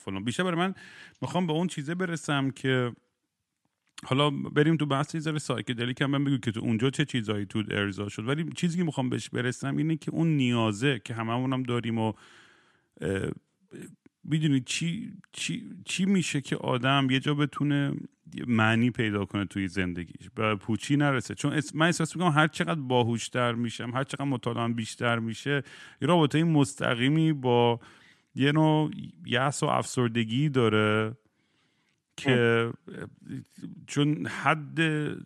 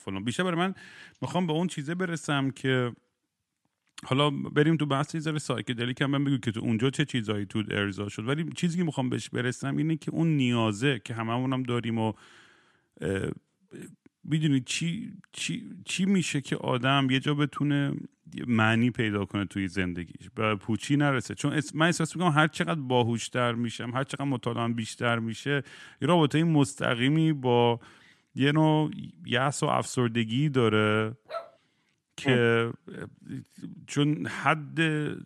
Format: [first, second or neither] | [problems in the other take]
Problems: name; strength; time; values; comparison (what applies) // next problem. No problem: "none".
first | dog barking; faint; at 31 s; peak 10 dB below the speech